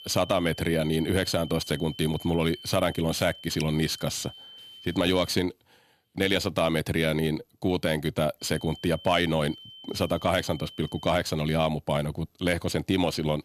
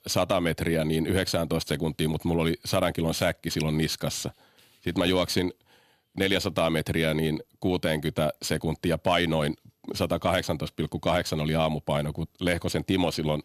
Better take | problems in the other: second | high-pitched whine; noticeable; until 5.5 s and from 8.5 to 11 s; 3 kHz, 15 dB below the speech

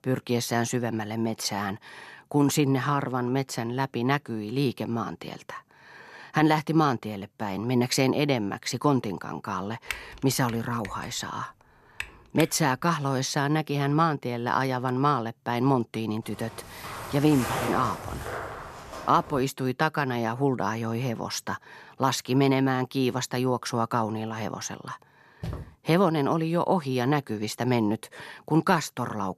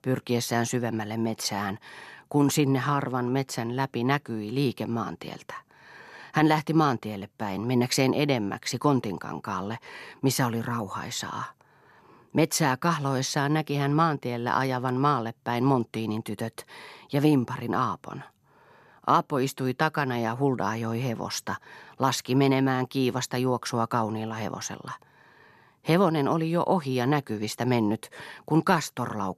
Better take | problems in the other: second | keyboard typing; noticeable; from 10 to 13 s; peak 10 dB below the speech // footsteps; noticeable; from 16 to 19 s; peak 3 dB below the speech // footsteps; faint; at 25 s; peak 10 dB below the speech

